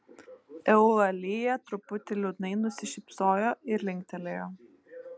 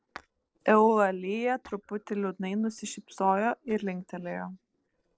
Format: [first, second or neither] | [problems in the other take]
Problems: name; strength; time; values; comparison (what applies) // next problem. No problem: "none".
first | noise reduction (neural separator model SepFormer DNS4)